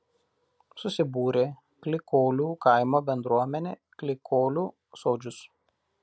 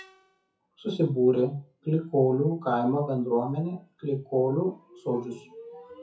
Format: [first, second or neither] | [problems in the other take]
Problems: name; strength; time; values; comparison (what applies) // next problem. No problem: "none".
first | noise reduction (classical method WPE with log-MMSE)